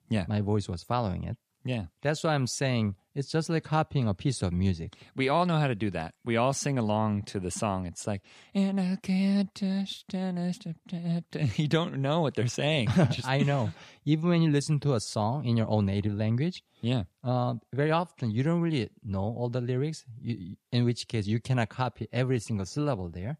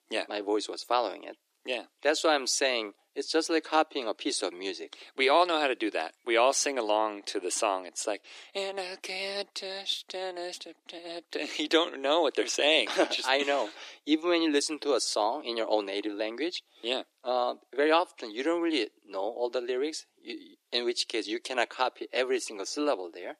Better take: first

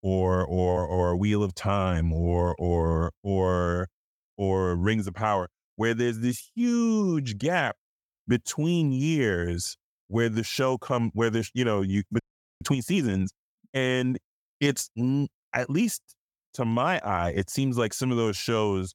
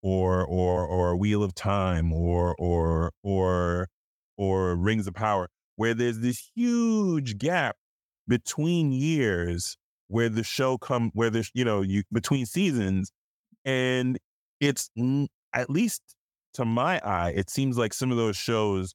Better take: second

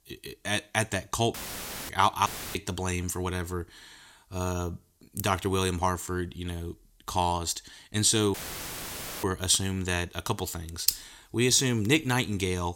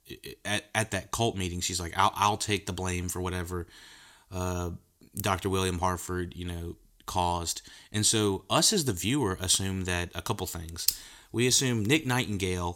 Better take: second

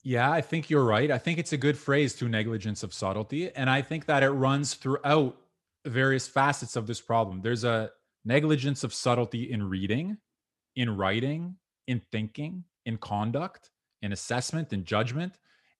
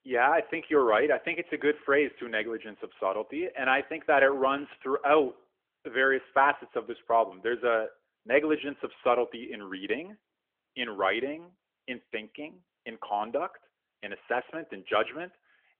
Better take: first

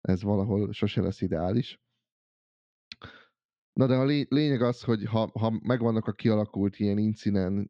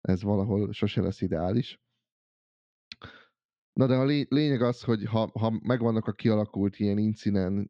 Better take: neither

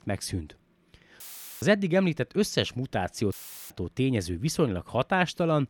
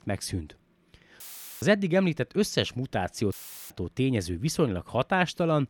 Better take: neither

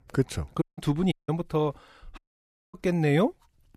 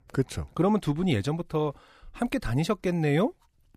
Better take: second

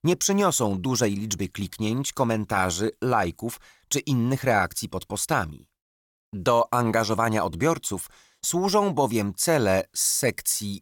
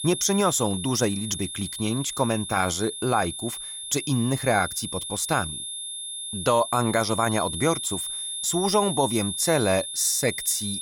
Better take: first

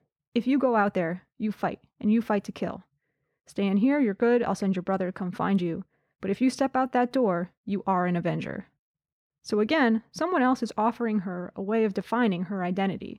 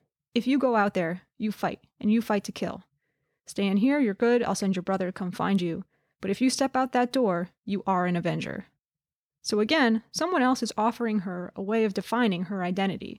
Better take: second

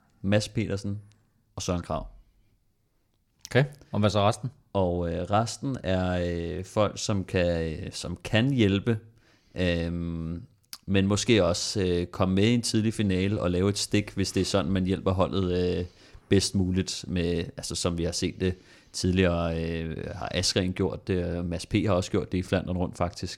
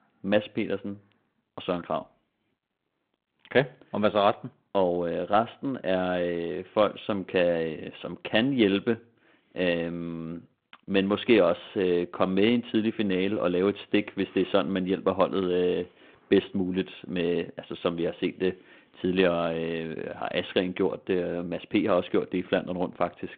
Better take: first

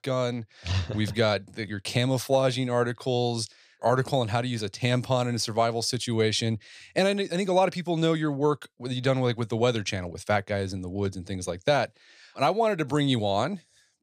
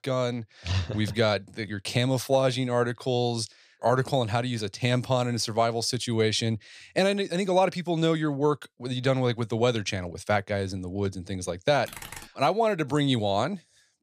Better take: first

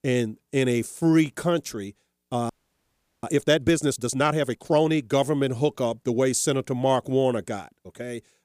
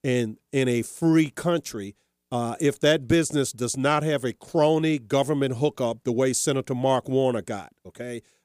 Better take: second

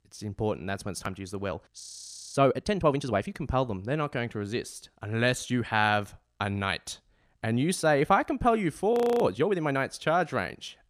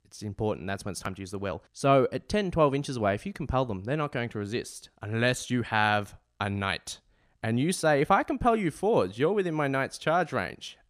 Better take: second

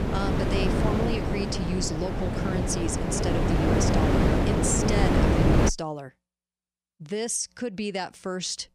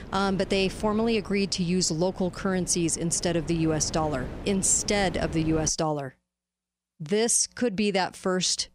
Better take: second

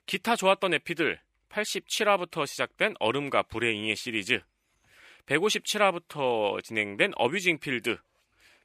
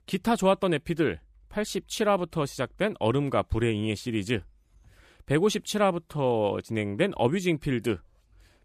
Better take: second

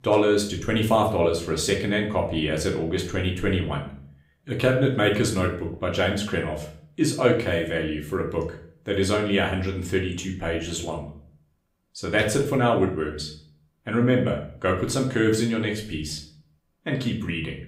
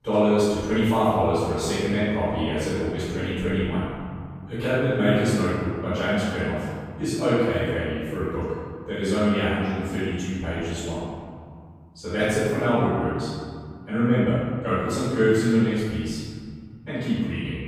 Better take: first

